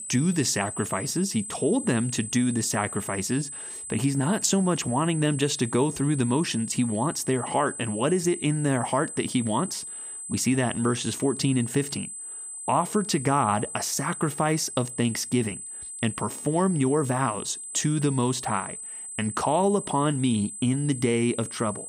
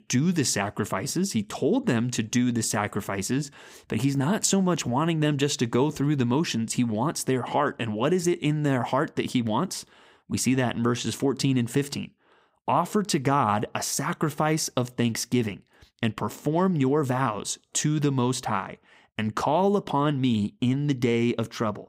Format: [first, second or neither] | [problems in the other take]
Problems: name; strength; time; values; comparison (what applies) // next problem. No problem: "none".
second | high-pitched whine; loud; throughout; 8 kHz, 9 dB below the speech